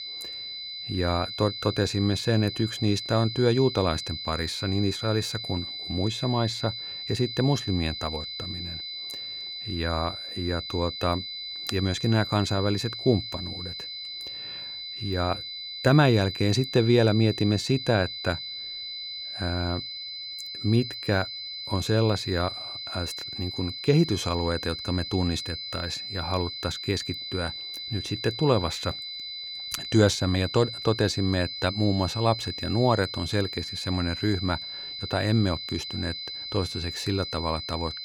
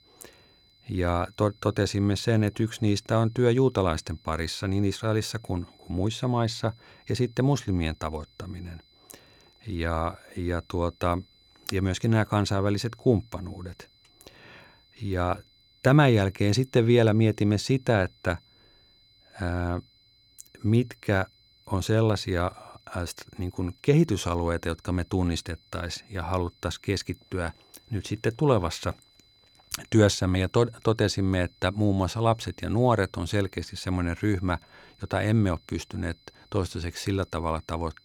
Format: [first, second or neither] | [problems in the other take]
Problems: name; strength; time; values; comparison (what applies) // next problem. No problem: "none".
second | high-pitched whine; loud; throughout; 4 kHz, 6 dB below the speech; faint in the second